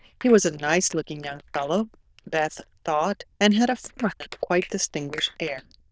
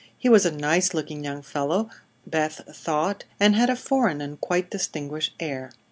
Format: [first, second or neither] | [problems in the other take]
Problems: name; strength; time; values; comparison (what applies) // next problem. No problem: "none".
second | noise reduction (neural diffusion model UNIVERSE++)